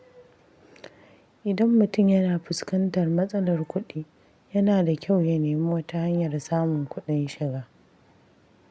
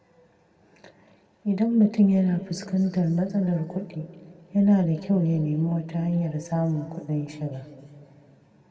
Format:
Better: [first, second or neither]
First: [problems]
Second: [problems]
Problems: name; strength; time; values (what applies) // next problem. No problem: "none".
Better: first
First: none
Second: room echo; dies away in 2 s